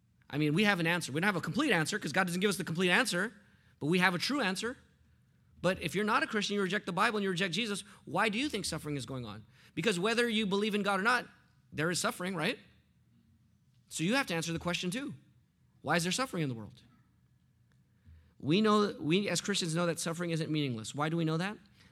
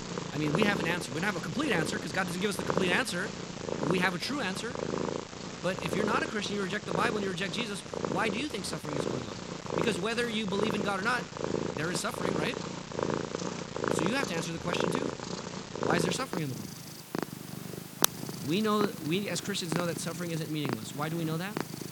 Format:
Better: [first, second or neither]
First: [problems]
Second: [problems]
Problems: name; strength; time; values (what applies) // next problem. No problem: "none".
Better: first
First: none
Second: animal sounds; loud; throughout; 3 dB below the speech